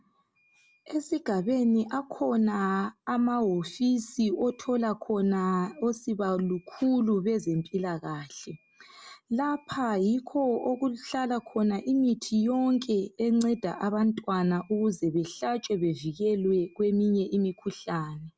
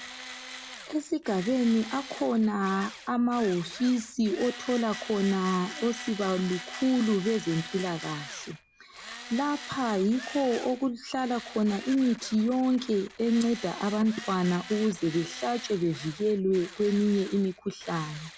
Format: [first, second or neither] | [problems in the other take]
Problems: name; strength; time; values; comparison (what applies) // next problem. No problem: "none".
first | background sound (Tools); 14 dB below the speech